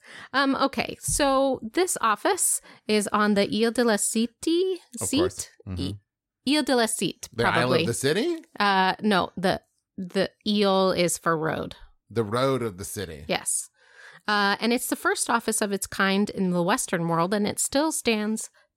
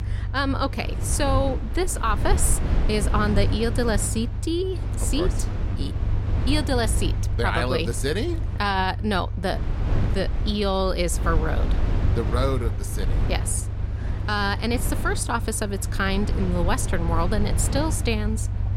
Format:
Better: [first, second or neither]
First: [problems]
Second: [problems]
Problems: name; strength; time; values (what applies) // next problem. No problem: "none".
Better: first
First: none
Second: low rumble; noticeable; throughout; 10 dB below the speech